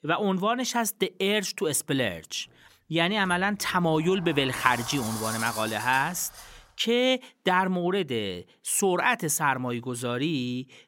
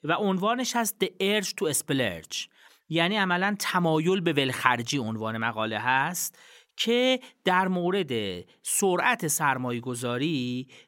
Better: second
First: door banging; noticeable; from 3.5 to 6.5 s; peak 6 dB below the speech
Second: none

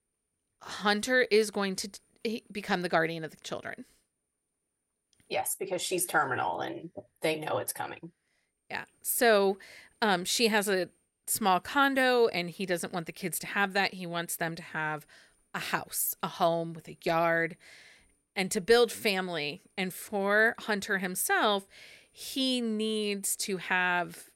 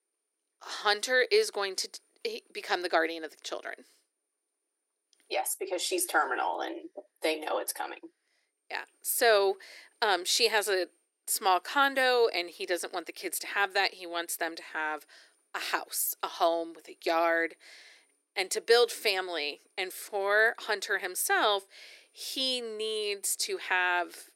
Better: first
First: none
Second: thin; very; fading below 300 Hz

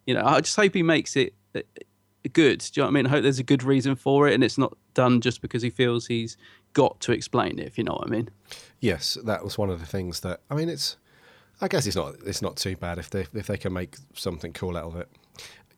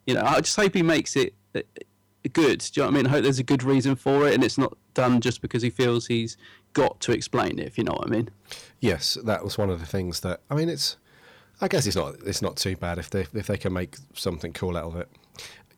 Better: first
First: none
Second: distortion; slight; 4% of the sound clipped

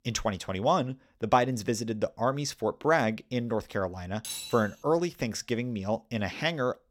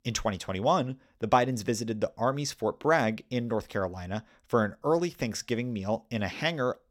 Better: second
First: clattering dishes; noticeable; at 4 s; peak 7 dB below the speech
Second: none

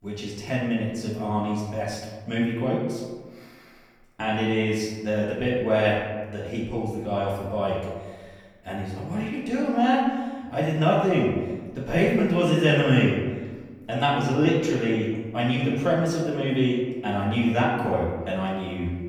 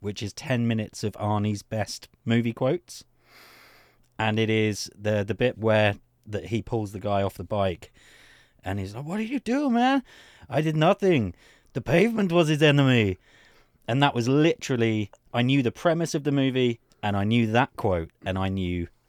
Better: second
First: room echo; noticeable; dies away in 1.2 s // off-mic speech; far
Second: none

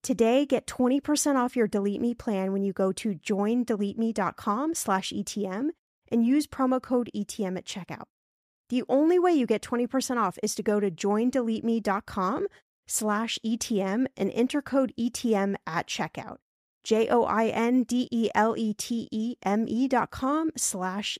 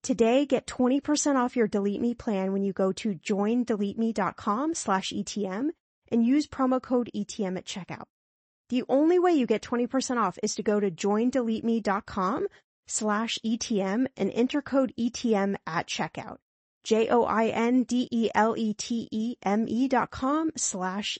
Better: first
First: none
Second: garbled, watery; slightly; nothing above 8 kHz

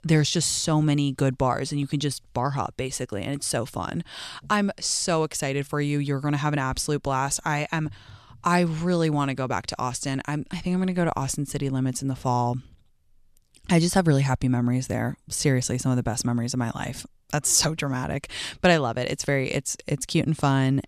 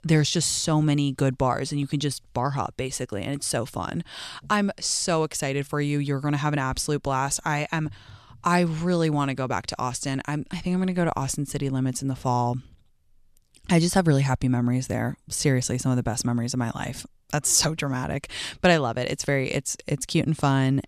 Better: neither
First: none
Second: none

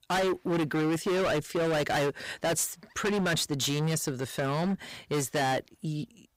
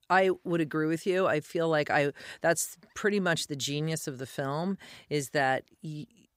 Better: second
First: distortion; heavy; 25% of the sound clipped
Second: none

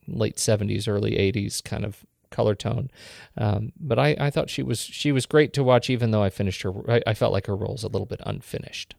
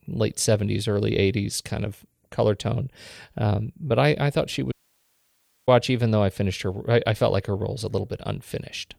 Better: first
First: none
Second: audio cutting out; at 4.5 s for 1 s

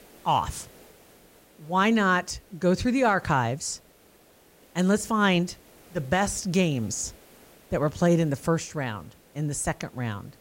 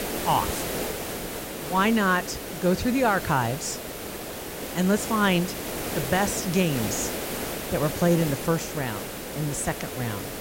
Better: first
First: hiss; faint; throughout; 30 dB below the speech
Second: hiss; loud; throughout; 6 dB below the speech

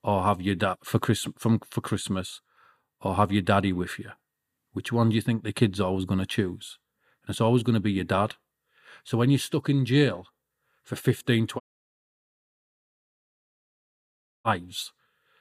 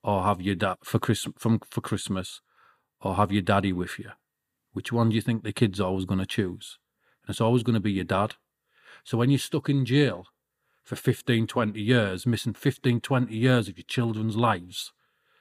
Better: second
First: audio cutting out; at 12 s for 3 s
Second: none

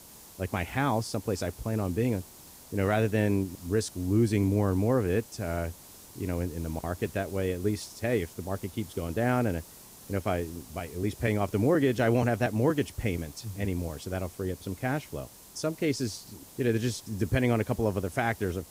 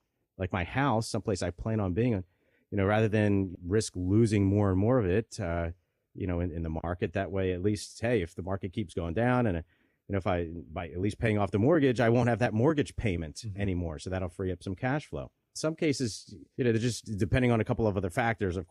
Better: second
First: hiss; noticeable; throughout; 20 dB below the speech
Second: none

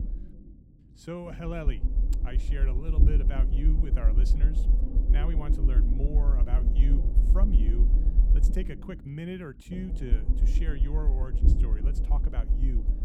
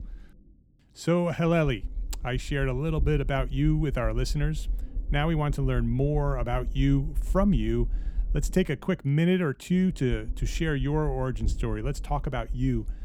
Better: second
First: low rumble; loud; throughout; 3 dB below the speech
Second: low rumble; faint; throughout; 25 dB below the speech

